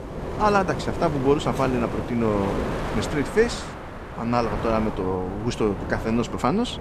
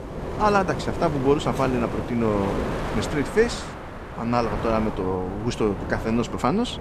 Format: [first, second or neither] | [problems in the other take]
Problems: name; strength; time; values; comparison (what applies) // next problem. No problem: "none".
neither | wind noise on the microphone; heavy; 7 dB below the speech; the same in both